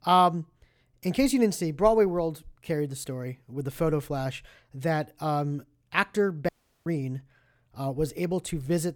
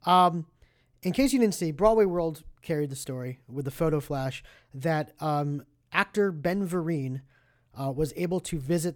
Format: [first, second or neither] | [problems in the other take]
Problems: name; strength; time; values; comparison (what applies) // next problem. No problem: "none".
second | audio cutting out; at 6.5 s